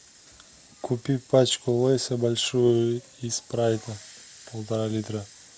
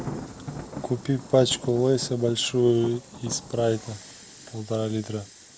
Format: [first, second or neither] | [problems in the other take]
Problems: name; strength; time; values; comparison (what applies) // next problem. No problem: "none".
first | background sound (Thunder); 14 dB below the speech